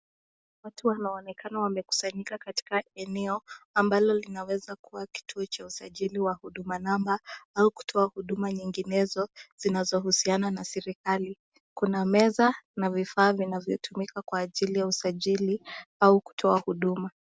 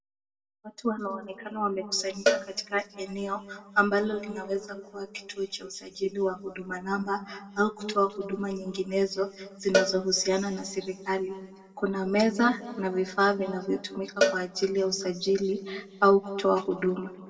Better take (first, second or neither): first